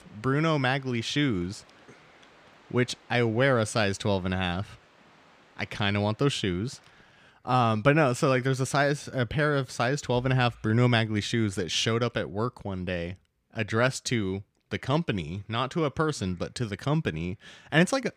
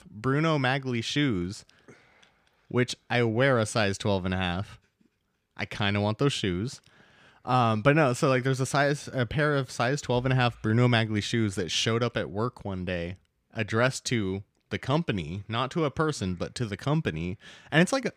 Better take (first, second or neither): second